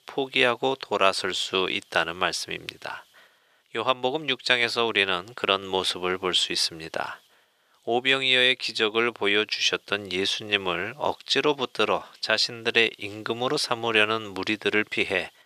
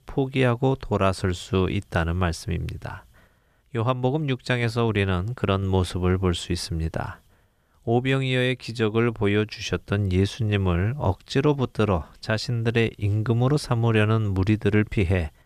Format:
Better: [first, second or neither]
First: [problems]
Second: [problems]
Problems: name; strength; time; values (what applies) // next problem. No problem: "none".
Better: second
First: thin; very; fading below 450 Hz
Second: none